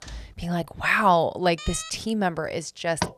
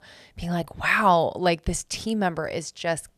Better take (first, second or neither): second